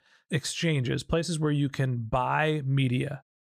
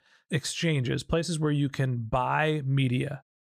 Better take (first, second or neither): neither